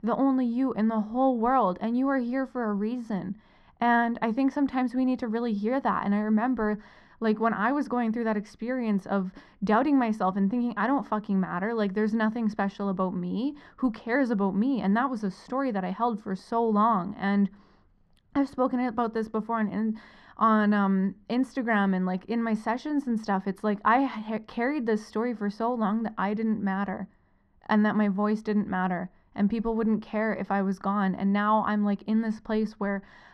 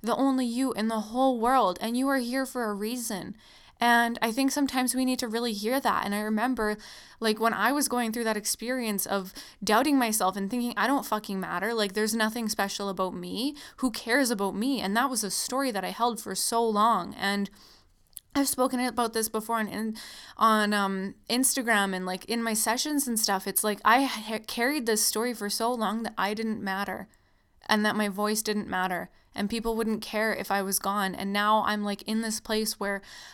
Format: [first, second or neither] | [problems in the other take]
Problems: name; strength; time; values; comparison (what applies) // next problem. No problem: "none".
second | muffled; very; fading above 1.5 kHz